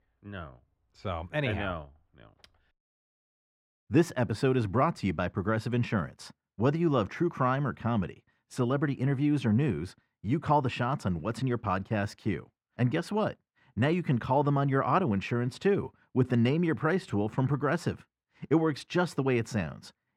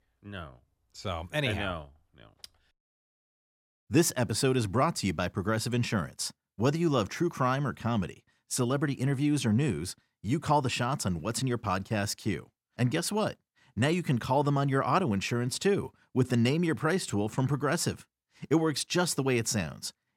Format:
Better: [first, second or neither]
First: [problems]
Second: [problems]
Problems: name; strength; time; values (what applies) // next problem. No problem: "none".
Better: second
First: muffled; slightly; fading above 4 kHz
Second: none